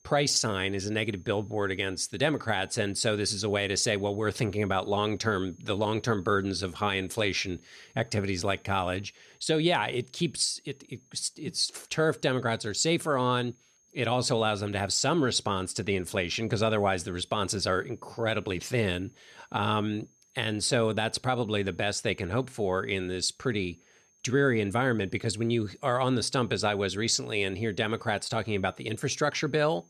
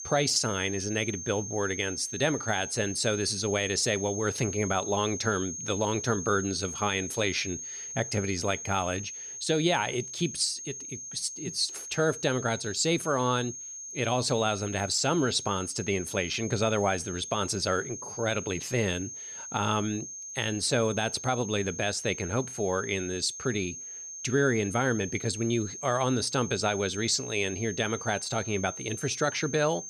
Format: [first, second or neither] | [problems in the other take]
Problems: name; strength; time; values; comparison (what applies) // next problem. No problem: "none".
first | high-pitched whine; loud; throughout; 6.5 kHz, 8 dB below the speech; faint in the first